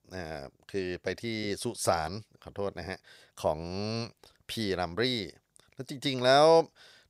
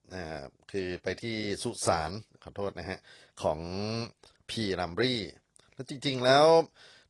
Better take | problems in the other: first | garbled, watery; slightly; nothing above 10.5 kHz

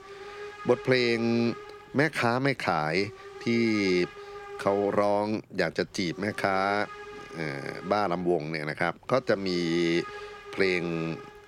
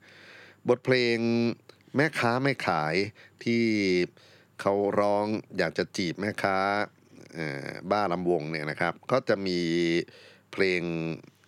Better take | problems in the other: second | hiss; noticeable; throughout; 15 dB below the speech

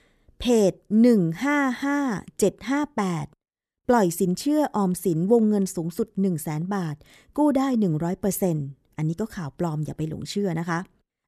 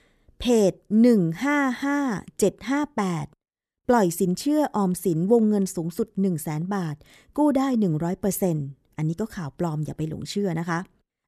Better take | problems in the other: neither | none

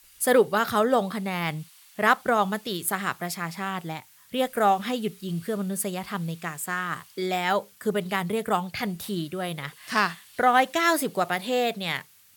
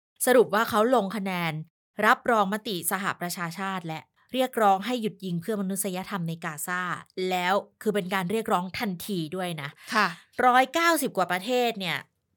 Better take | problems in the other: second | hiss; faint; throughout; 25 dB below the speech

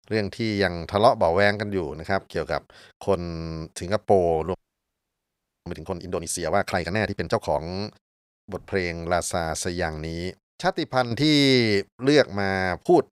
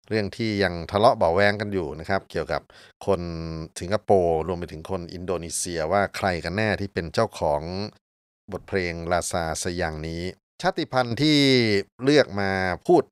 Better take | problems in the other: second | audio freezing; at 4.5 s for 1 s

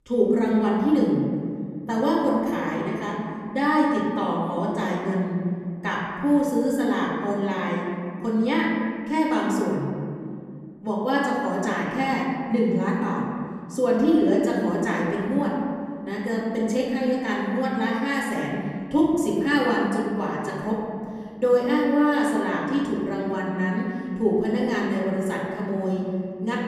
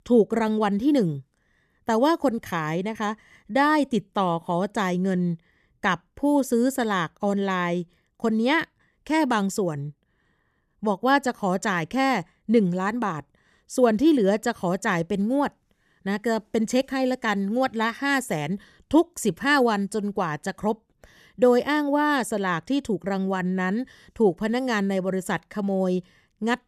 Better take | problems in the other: second | room echo; noticeable; dies away in 2.3 s // off-mic speech; far

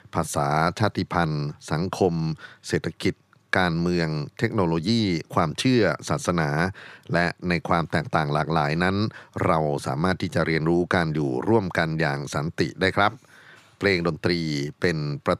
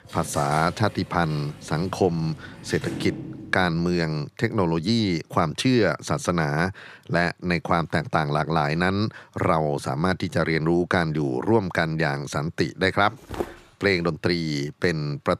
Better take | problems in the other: first | door banging; noticeable; until 4 s; peak 8 dB below the speech // footsteps; noticeable; at 13 s; peak 9 dB below the speech

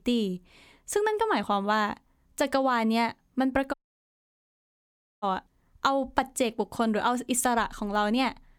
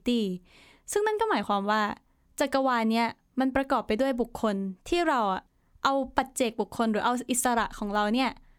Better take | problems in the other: second | audio cutting out; at 3.5 s for 1.5 s

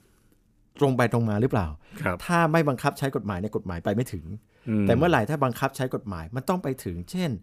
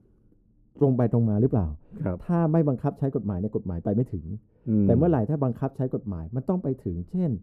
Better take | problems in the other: first | muffled; very; fading above 1 kHz

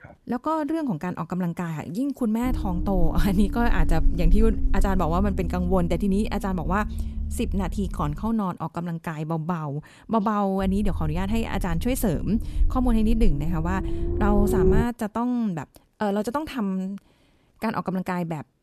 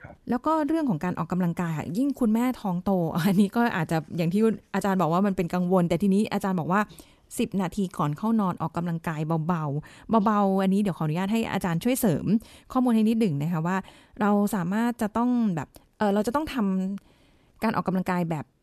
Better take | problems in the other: second | low rumble; loud; from 2.5 to 8.5 s and from 11 to 15 s; 7 dB below the speech

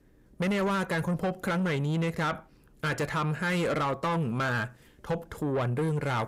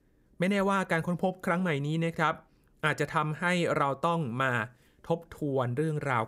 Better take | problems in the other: second | distortion; heavy; 8 dB below the speech

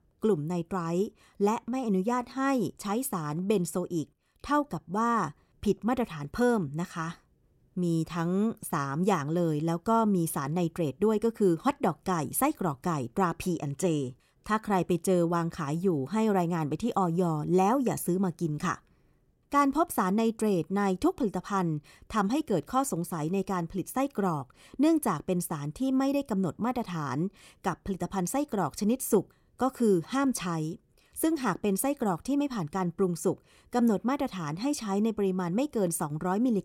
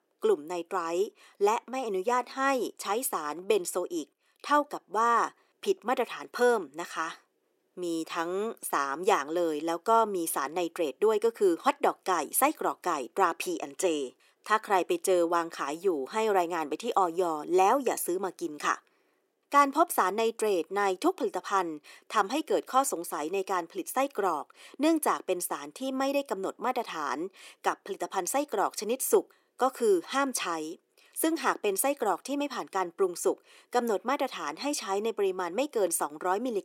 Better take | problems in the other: first | thin; somewhat; fading below 350 Hz

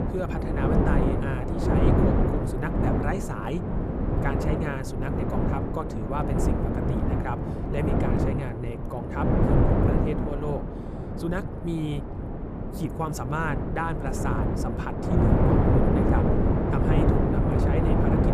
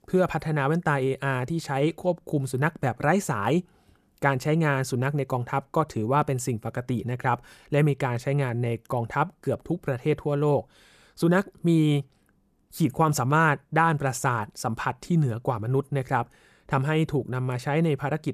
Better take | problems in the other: second | wind noise on the microphone; heavy; 3 dB above the speech

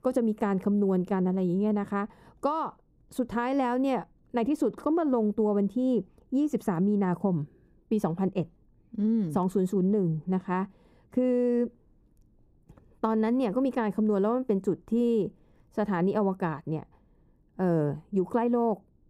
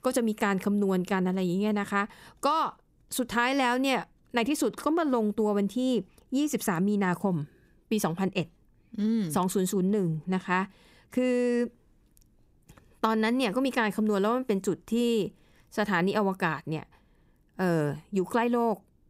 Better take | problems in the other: second | muffled; slightly; fading above 1.5 kHz

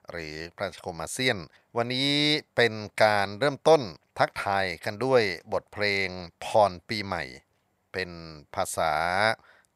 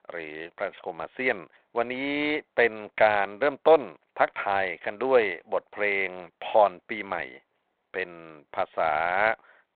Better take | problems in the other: first | phone-call audio; nothing above 4 kHz

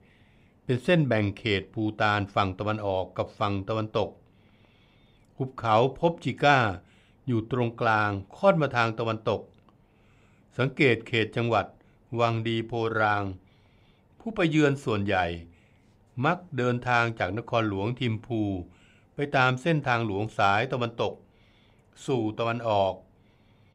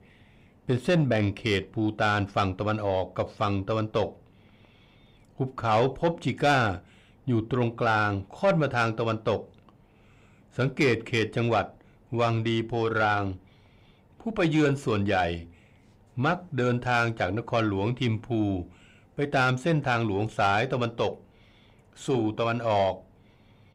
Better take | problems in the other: first | distortion; slight; 10 dB below the speech

